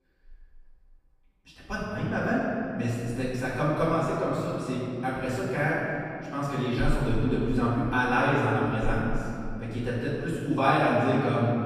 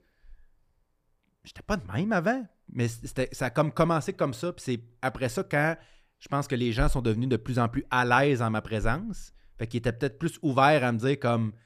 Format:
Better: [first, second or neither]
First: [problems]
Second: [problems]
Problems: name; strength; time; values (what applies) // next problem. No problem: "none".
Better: second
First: room echo; strong; dies away in 2.6 s // off-mic speech; far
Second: none